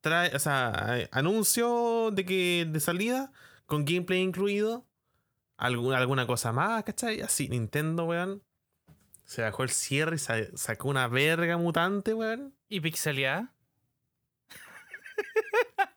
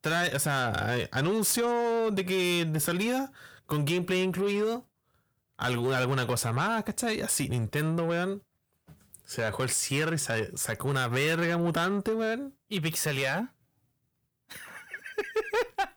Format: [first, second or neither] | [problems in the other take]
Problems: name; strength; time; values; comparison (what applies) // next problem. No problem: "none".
first | distortion; slight; 10 dB below the speech